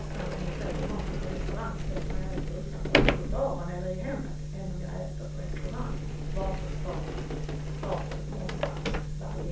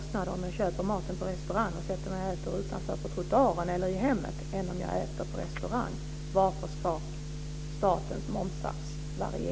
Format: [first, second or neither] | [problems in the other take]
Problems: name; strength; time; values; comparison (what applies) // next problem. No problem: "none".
second | background sound (Sliding door); 1 dB above the speech // room echo; dies away in 0.3 s